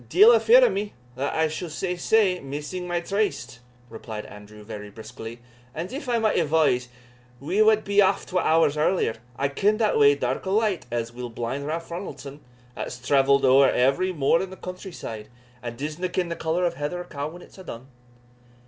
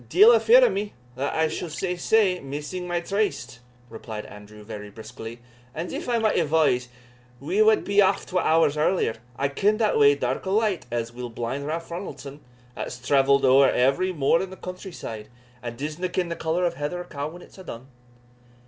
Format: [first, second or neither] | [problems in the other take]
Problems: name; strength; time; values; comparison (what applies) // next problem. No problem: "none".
first | background sound (Gurgling); 14 dB below the speech